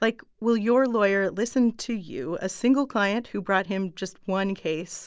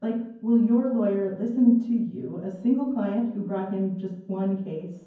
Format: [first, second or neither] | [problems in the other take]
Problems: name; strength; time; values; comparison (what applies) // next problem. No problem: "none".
first | room echo; dies away in 0.9 s